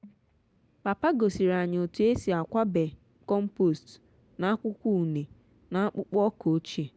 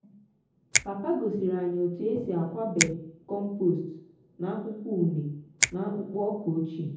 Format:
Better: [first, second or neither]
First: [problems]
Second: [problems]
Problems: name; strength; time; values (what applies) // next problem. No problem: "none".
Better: first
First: none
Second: background sound (Finger snapping); 4 dB below the speech // room echo; dies away in 0.7 s